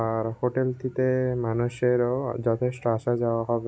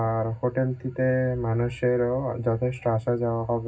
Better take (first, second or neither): first